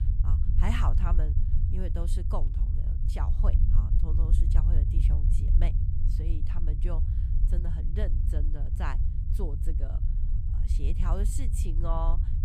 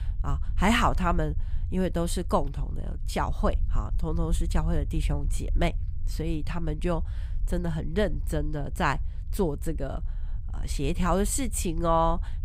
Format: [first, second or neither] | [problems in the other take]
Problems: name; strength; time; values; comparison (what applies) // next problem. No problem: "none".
second | low rumble; loud; throughout; 5 dB below the speech; faint in the second